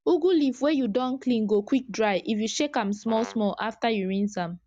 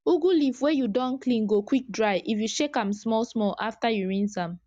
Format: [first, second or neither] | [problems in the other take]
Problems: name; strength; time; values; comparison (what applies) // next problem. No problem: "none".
second | background sound (Brass instrument); 18 dB below the speech